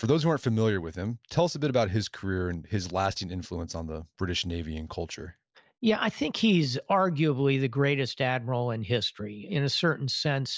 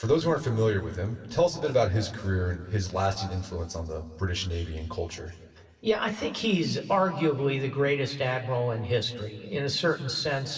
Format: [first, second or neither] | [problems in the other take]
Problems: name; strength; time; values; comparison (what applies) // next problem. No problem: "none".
first | room echo; dies away in 2.2 s